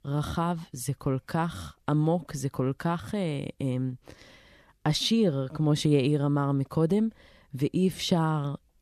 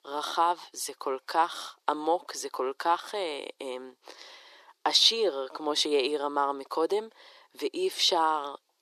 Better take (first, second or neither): first